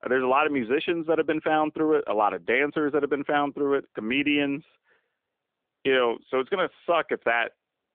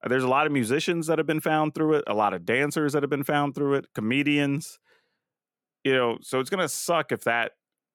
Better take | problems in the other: second | phone-call audio; nothing above 3 kHz

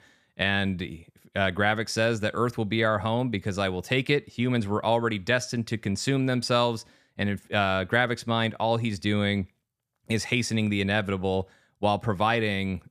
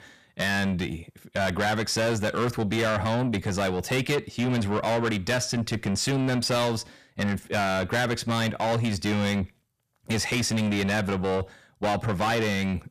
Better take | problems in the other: first | distortion; heavy; 6 dB below the speech

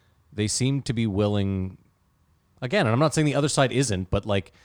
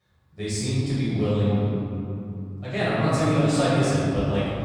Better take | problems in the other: first | off-mic speech; far // room echo; strong; dies away in 2.8 s

